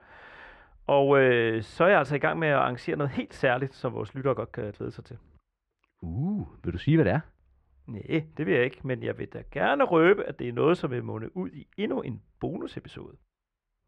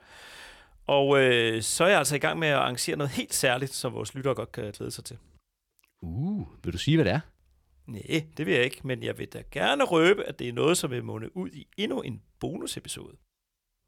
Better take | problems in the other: second | muffled; very; fading above 1.5 kHz

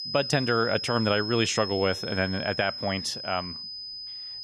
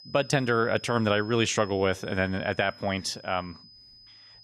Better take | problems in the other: second | high-pitched whine; loud; throughout; 5 kHz, 6 dB below the speech; faint in the second

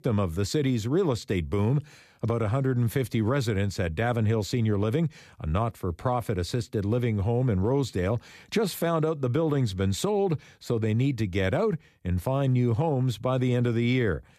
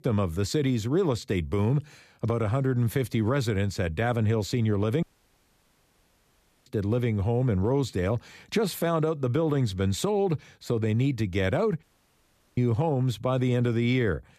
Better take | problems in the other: first | audio cutting out; at 5 s for 1.5 s and at 12 s for 0.5 s

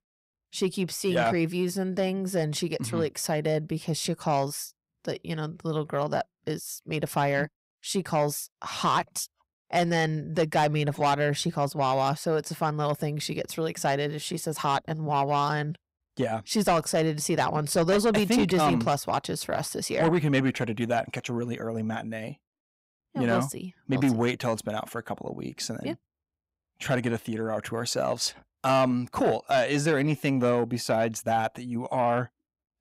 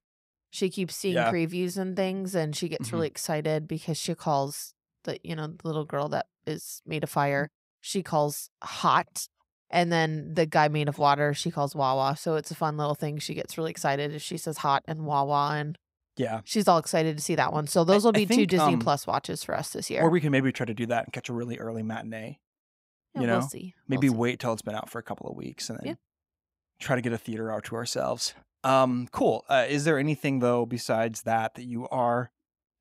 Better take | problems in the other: second | distortion; slight; 10 dB below the speech

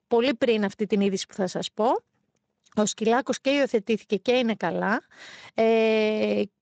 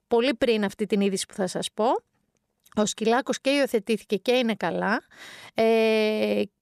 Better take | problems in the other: second | garbled, watery; slightly; nothing above 7.5 kHz

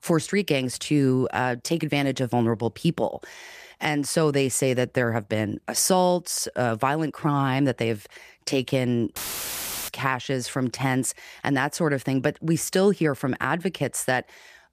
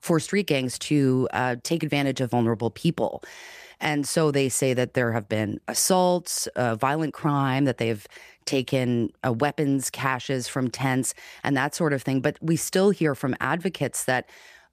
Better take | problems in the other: second | audio cutting out; filled with static; at 9 s for 0.5 s

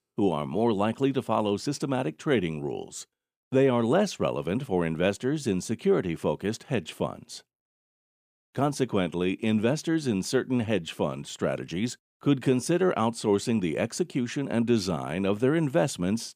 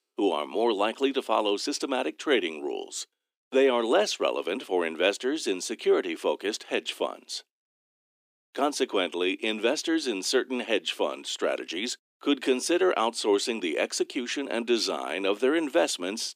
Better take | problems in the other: first | thin; somewhat; fading below 300 Hz

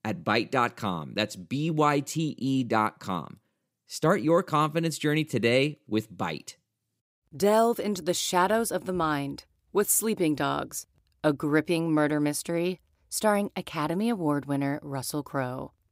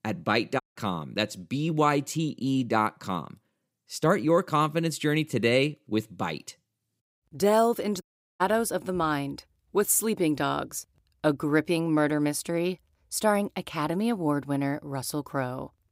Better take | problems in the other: first | audio cutting out; at 0.5 s and at 8 s

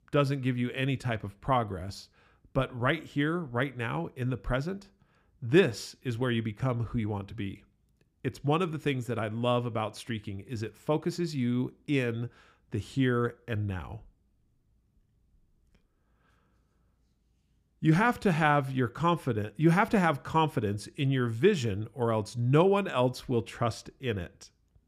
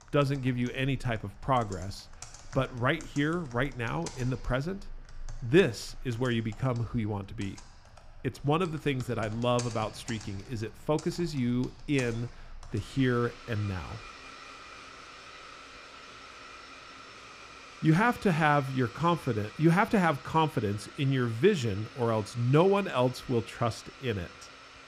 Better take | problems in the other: first | household noises; noticeable; throughout; 20 dB below the speech

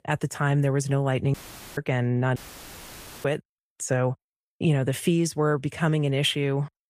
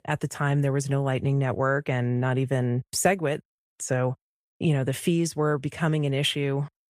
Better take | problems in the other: second | audio cutting out; filled with static; at 1.5 s and at 2.5 s for 1 s

